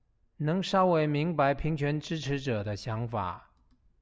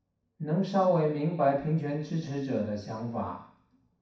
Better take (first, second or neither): first